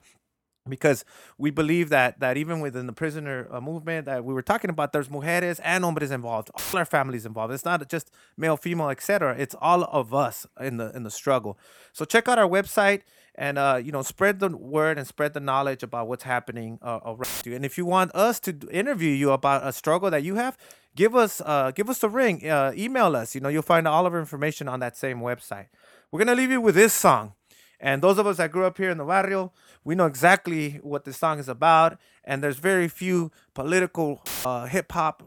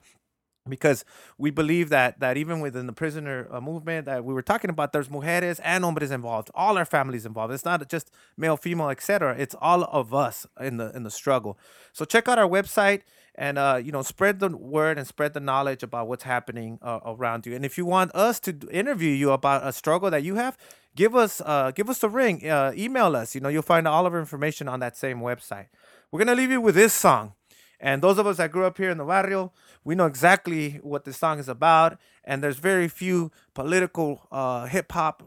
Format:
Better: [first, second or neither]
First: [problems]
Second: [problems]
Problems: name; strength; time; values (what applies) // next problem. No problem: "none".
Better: second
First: audio cutting out; filled with static; at 6.5 s, at 17 s and at 34 s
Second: none